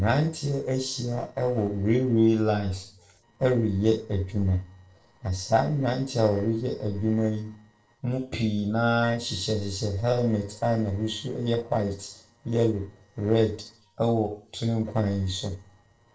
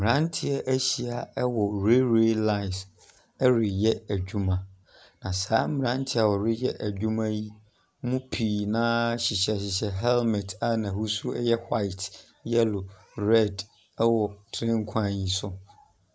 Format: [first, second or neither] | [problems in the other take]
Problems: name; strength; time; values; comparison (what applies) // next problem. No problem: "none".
second | noise reduction (neural separator model SepFormer DNS4)